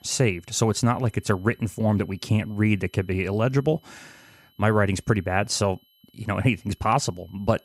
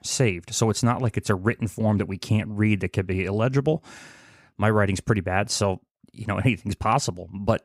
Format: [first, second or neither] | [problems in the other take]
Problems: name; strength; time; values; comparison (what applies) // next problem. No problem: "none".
second | high-pitched whine; faint; throughout; 3 kHz, 35 dB below the speech